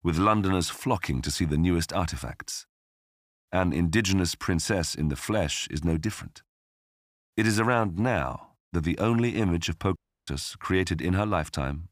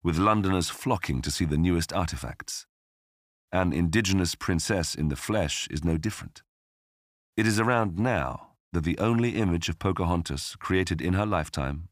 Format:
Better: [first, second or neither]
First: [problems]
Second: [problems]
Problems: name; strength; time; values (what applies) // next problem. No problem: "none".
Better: second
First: audio cutting out; at 10 s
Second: none